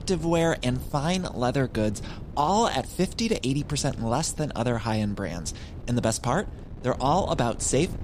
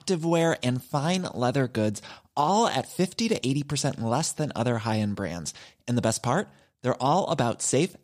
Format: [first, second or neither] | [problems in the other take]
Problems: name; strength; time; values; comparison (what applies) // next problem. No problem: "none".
second | wind noise on the microphone; occasional gusts; 20 dB below the speech